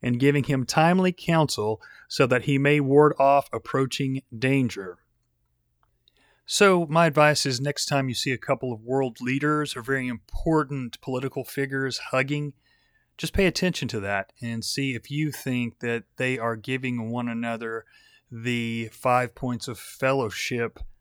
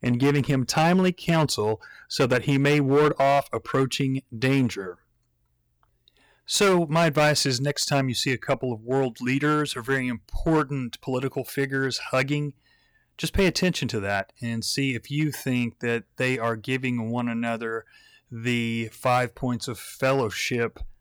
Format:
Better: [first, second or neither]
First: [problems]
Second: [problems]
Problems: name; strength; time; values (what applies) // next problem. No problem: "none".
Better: first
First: none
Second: distortion; slight; 4% of the sound clipped